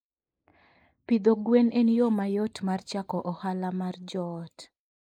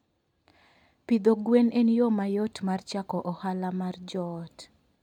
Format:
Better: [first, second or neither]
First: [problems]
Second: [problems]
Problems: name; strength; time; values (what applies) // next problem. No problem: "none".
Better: second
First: noise reduction (neural mask model Resemble Enhance denoiser)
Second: none